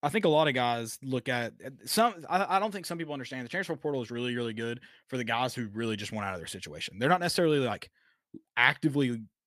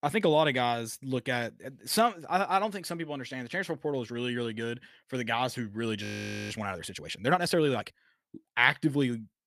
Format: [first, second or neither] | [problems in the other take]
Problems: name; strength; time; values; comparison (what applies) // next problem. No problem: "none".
first | audio freezing; at 6 s